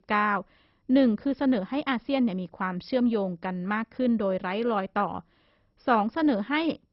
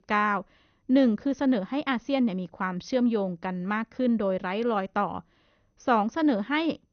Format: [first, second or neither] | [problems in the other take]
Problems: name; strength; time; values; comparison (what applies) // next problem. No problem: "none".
second | garbled, watery; badly; nothing above 5.5 kHz; slightly in the second